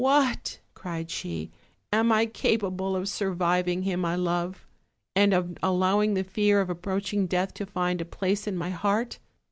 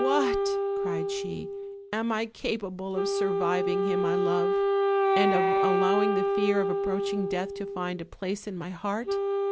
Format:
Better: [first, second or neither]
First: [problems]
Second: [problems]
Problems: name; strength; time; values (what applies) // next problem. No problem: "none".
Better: first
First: none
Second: background sound (Wind instrument, woodwind instrument); 4 dB above the speech